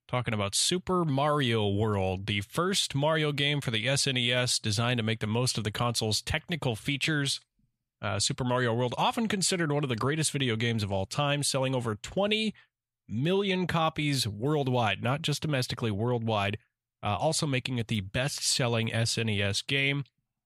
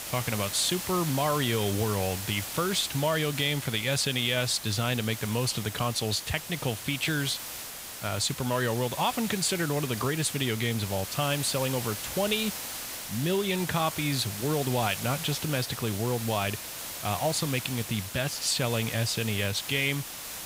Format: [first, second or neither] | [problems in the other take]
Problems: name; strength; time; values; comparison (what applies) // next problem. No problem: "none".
first | hiss; loud; throughout; 7 dB below the speech